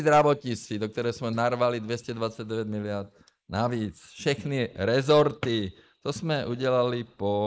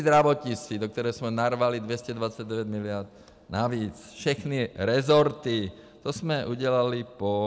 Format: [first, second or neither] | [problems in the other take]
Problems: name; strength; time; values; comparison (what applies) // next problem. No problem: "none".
second | noise reduction (neural mask model Resemble Enhance denoiser)